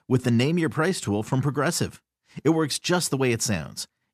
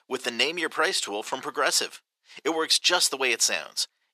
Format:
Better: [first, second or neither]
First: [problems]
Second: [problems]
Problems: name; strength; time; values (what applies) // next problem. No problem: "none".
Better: first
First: none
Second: thin; very; fading below 500 Hz